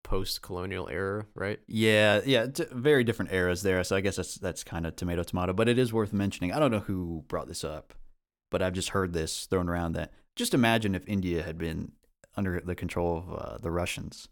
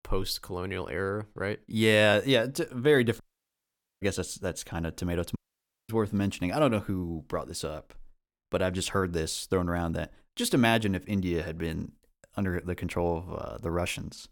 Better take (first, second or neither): first